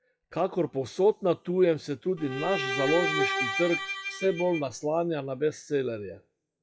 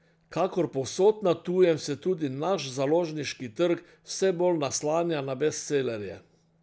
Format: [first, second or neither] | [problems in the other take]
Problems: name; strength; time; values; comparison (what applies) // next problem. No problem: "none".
second | noise reduction (classical method WPE with log-MMSE)